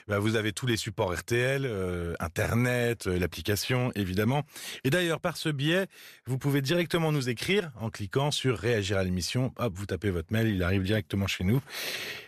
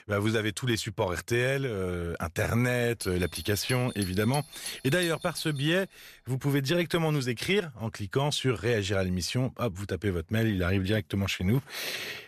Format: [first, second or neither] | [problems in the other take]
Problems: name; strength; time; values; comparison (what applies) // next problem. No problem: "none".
first | doorbell; faint; from 3 to 5.5 s; peak 10 dB below the speech